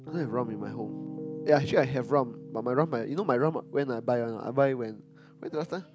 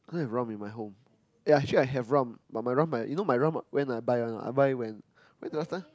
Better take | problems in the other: second | background sound (Piano); 13 dB below the speech

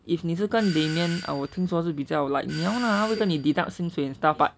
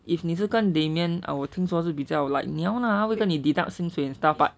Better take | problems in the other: second | background sound (Doorbell); 15 dB below the speech

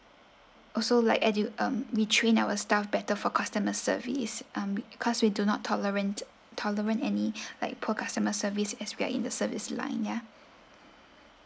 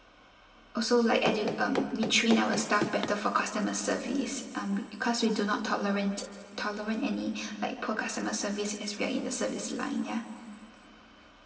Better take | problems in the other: first | background sound (Run); 4 dB below the speech // room echo; dies away in 2.3 s

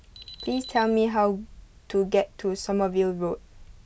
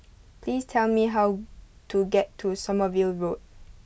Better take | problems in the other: second | background sound (Alarm); 20 dB below the speech

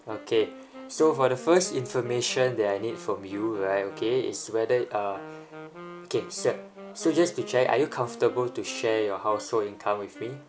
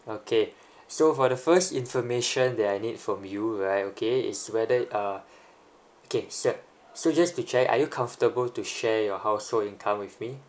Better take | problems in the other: second | background sound (Wind instrument, woodwind instrument); 16 dB below the speech

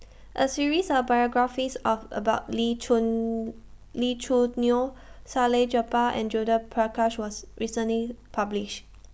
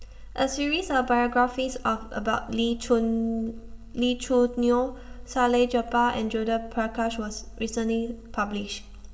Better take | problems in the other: first | room echo; dies away in 1.6 s

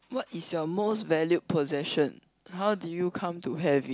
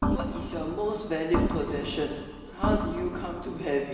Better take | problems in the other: first | background sound (Organ); as loud as the speech // room echo; dies away in 1.3 s

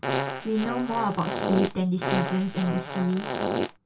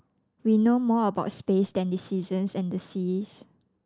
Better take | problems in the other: second | background sound (Fart); 2 dB below the speech // room echo; dies away in 0.1 s

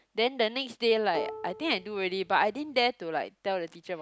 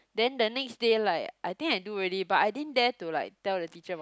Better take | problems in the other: second | background sound (Plucked string instrument); 12 dB below the speech

